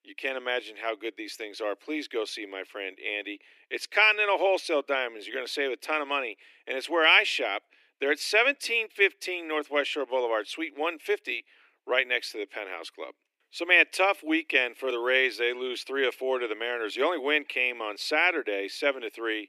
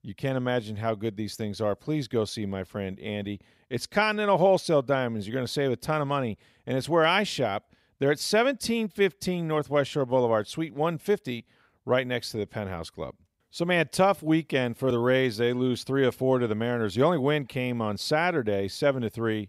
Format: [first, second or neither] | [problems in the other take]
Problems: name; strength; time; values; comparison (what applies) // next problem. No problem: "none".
second | thin; somewhat; fading below 300 Hz